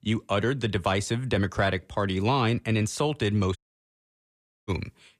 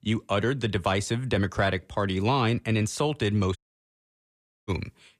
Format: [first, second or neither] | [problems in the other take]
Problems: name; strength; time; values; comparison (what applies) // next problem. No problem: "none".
neither | audio cutting out; at 3.5 s for 1 s; the same in both